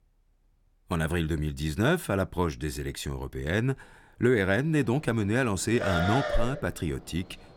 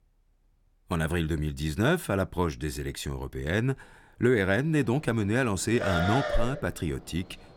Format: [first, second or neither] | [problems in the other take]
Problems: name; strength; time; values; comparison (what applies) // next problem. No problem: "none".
neither | animal sounds; very faint; from 4.5 s on; 4 dB below the speech; the same in both